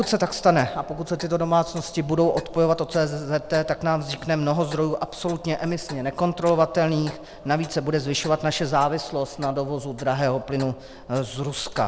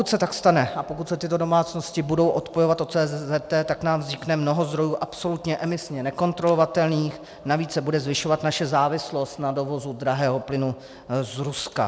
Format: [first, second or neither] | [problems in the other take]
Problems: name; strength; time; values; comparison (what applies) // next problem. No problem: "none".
second | background sound (Clock); 19 dB below the speech